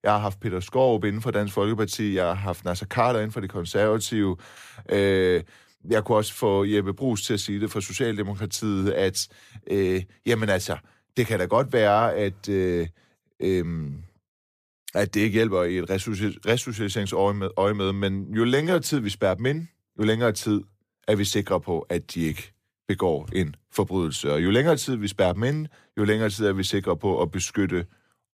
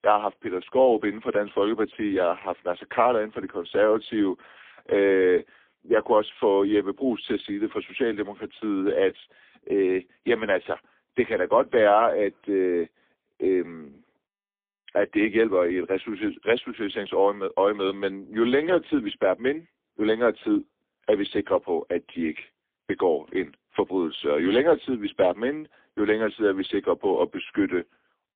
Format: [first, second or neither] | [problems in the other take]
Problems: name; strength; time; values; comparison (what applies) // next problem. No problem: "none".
first | phone-call audio; poor line